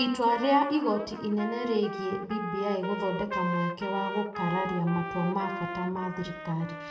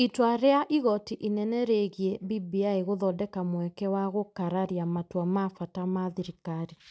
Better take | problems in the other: second | background sound (Trumpet); 8 dB below the speech // room echo; dies away in 0.7 s

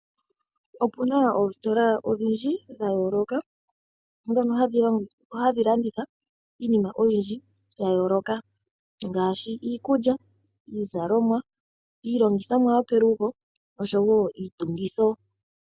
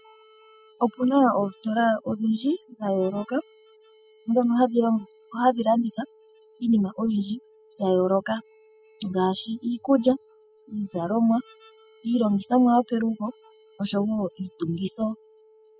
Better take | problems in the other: first | noise reduction (classical method spectral subtraction)

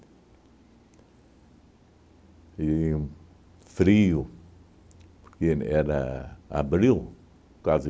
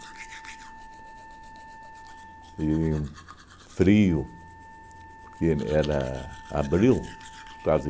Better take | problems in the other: first | background sound (Domestic sounds, home sounds + Wind instrument, woodwind instrument); 18 dB below the speech

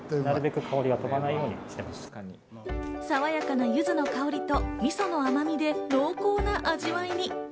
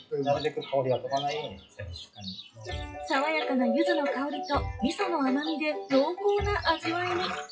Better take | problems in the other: first | noise reduction (classical method WPE with log-MMSE)

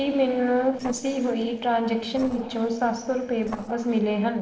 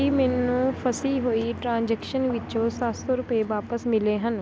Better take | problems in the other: second | noise reduction (neural separator model SepFormer DNS4)

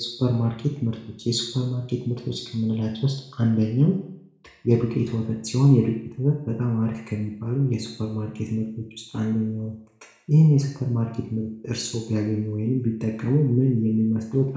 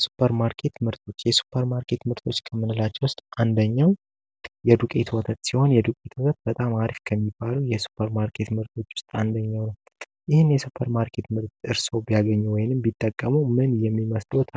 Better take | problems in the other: second | room echo; dies away in 0.6 s

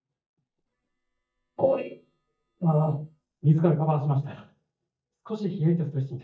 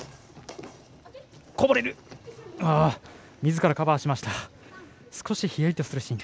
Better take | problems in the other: second | noise reduction (neural mask model DeepFilterNet 3)

